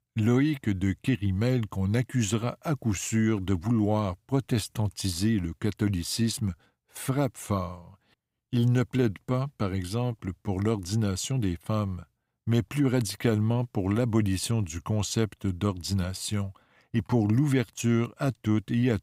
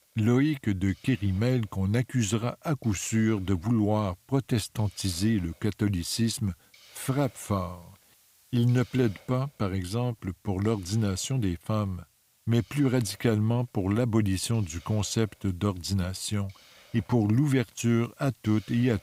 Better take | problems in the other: first | hiss; faint; throughout; 30 dB below the speech

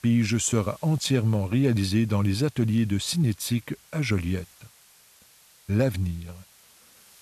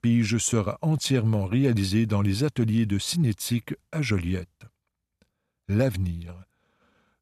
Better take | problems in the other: second | hiss; faint; throughout; 25 dB below the speech

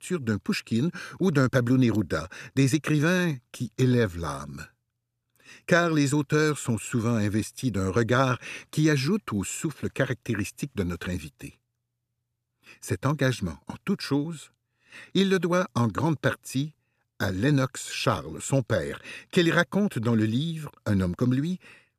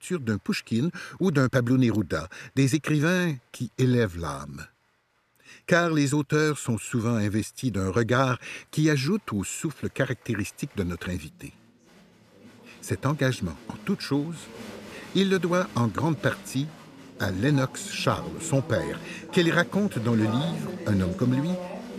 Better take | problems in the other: first | crowd noise; noticeable; throughout; 15 dB below the speech

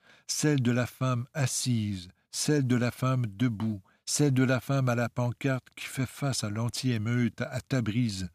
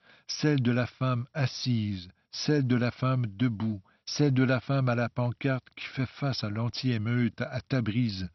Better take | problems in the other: first | garbled, watery; slightly; nothing above 6 kHz

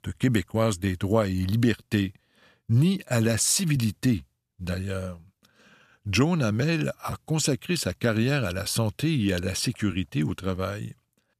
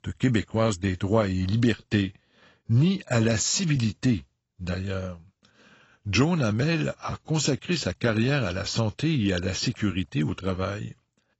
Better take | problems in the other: first | garbled, watery; badly; nothing above 7.5 kHz

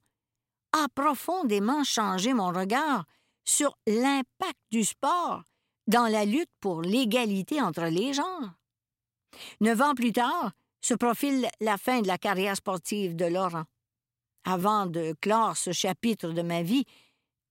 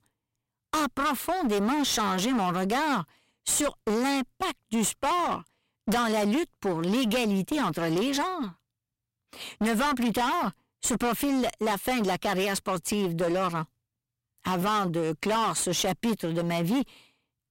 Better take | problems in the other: first | distortion; heavy; 21% of the sound clipped

